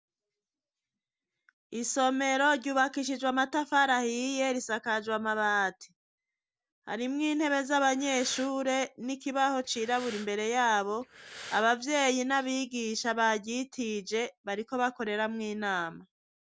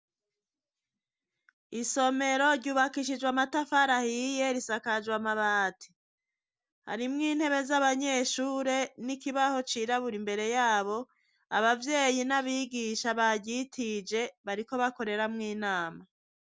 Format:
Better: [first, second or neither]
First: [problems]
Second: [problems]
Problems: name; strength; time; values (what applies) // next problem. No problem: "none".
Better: second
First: background sound (Breathing); 17 dB below the speech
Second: none